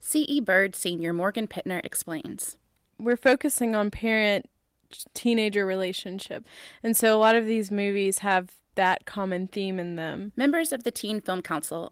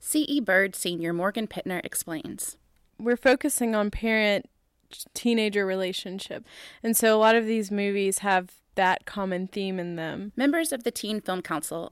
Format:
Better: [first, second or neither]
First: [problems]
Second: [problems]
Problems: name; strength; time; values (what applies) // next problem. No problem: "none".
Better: second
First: garbled, watery; slightly; nothing above 16 kHz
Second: none